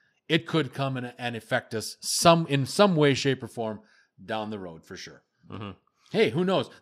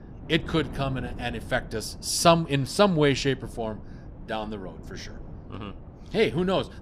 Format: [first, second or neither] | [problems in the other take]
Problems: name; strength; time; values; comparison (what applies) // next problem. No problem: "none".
first | wind noise on the microphone; occasional gusts; 25 dB below the speech